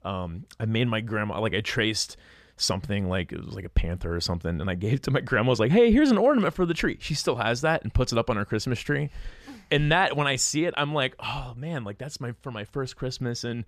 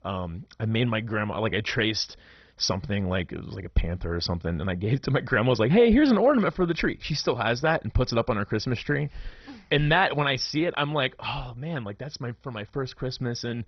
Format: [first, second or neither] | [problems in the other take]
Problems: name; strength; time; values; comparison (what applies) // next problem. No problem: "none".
first | garbled, watery; badly; nothing above 5.5 kHz